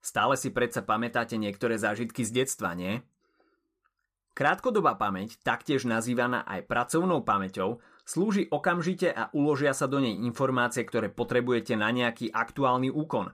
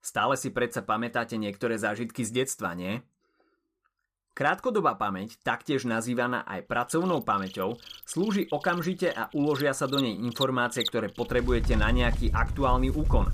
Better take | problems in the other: first | animal sounds; loud; from 7 s on; 4 dB below the speech

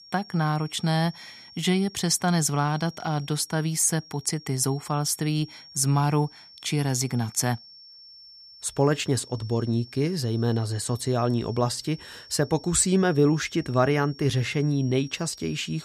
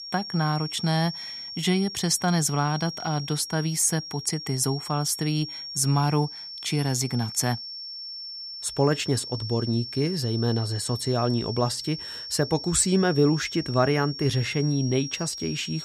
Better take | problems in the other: first | high-pitched whine; loud; throughout; 5.5 kHz, 9 dB below the speech; faint in the first

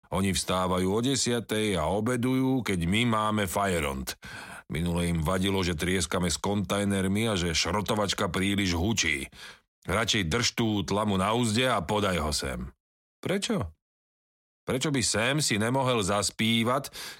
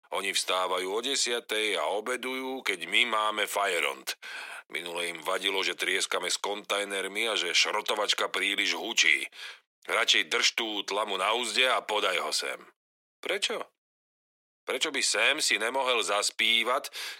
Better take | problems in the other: first | thin; very; fading below 350 Hz

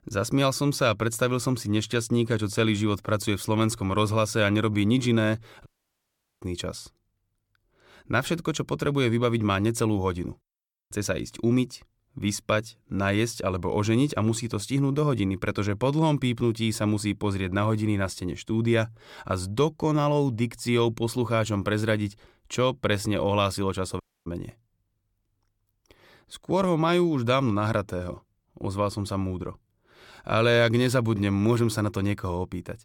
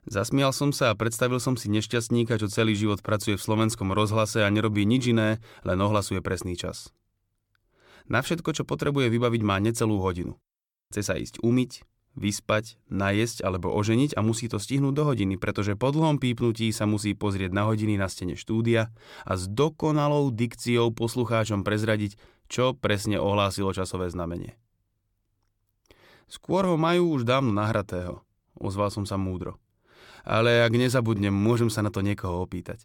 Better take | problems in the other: second | audio cutting out; at 5.5 s for 1 s and at 24 s

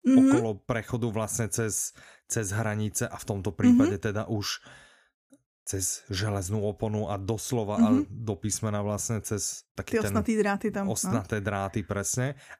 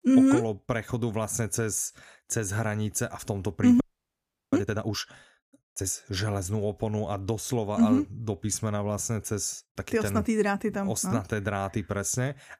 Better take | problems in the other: first | audio freezing; at 4 s for 0.5 s

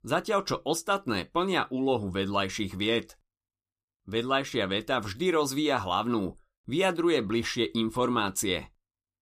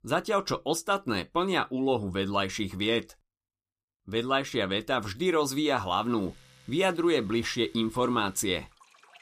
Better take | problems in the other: first | household noises; faint; from 6 s on; 30 dB below the speech

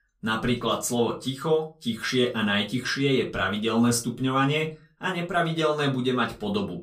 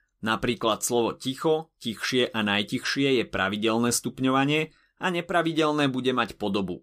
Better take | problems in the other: second | off-mic speech; far // room echo; very slight; dies away in 0.2 s

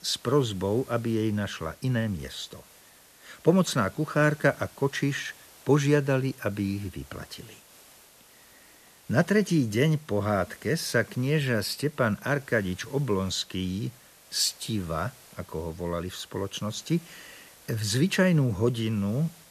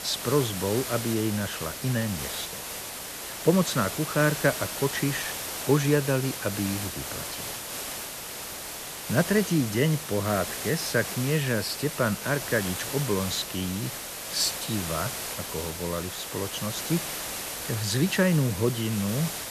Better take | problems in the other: first | hiss; loud; throughout; 5 dB below the speech; faint in the first

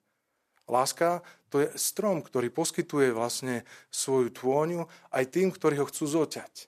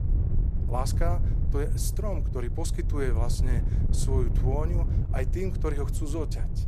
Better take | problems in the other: first | wind noise on the microphone; heavy; 7 dB below the speech

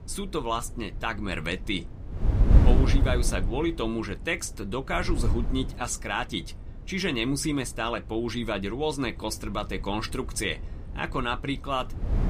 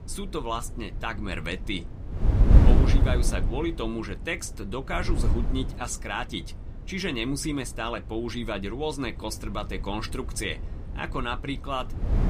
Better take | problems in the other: first | wind noise on the microphone; heavy; 7 dB below the speech; occasional gusts in the first

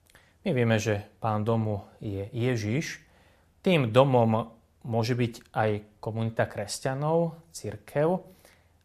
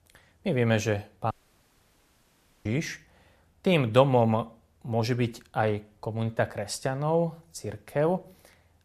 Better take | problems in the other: first | audio cutting out; at 1.5 s for 1.5 s

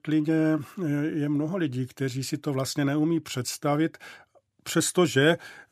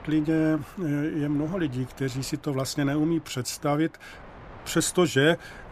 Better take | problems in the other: first | wind noise on the microphone; occasional gusts; 20 dB below the speech

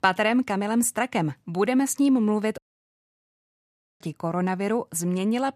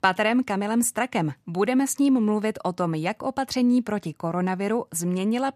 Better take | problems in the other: second | audio cutting out; at 2.5 s for 1.5 s

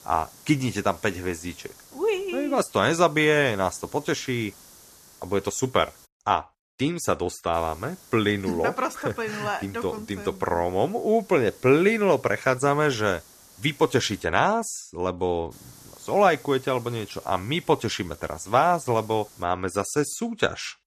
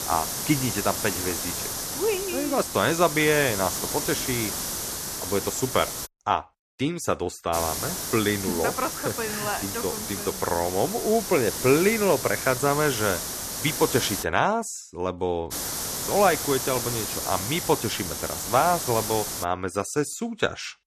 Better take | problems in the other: first | hiss; loud; until 6 s, from 7.5 to 14 s and from 16 to 19 s; 3 dB below the speech; faint in the first

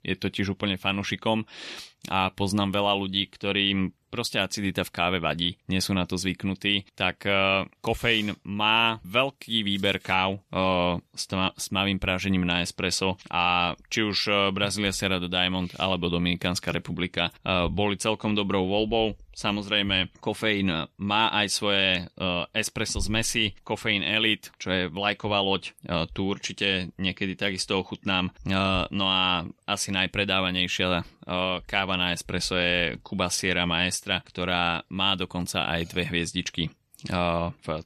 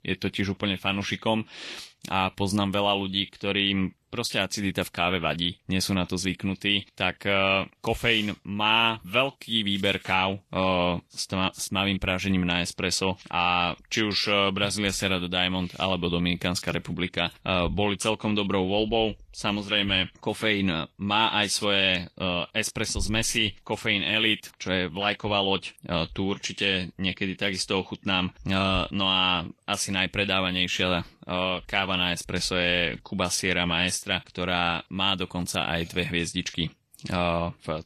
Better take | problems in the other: first | garbled, watery; slightly; nothing above 12 kHz

